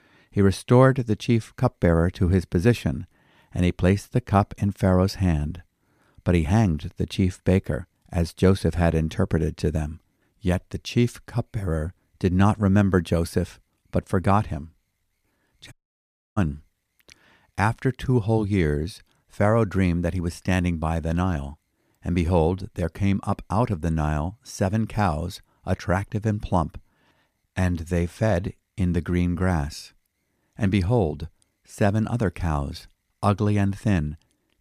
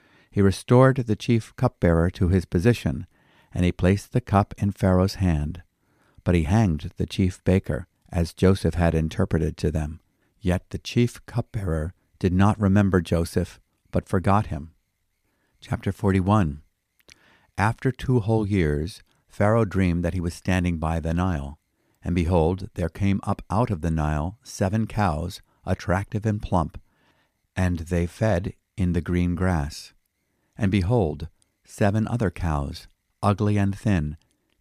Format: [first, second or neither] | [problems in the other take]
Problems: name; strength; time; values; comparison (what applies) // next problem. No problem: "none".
second | audio cutting out; at 16 s for 0.5 s